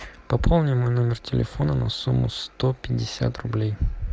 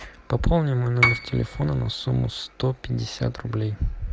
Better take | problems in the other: first | background sound (Piano); 4 dB below the speech

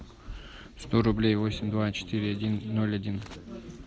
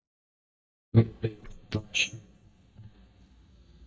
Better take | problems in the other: first | noise reduction (neural mask model DeepFilterNet 3)

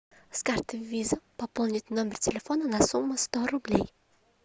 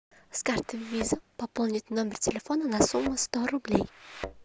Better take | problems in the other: first | background sound (Thump, thud); 13 dB below the speech

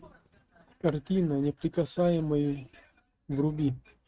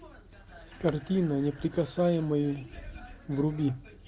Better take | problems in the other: second | noise reduction (neural mask model RNNoise)

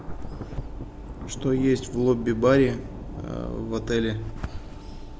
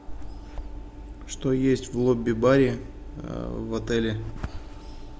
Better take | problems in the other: second | background sound (Thunder); 14 dB below the speech

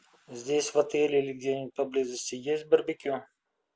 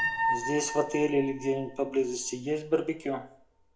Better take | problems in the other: first | background sound (Piano); 6 dB below the speech // room echo; dies away in 0.4 s

